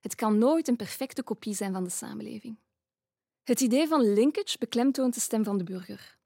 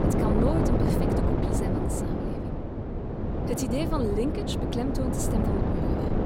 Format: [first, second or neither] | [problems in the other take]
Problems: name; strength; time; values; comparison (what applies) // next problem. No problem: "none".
first | wind noise on the microphone; heavy; 2 dB above the speech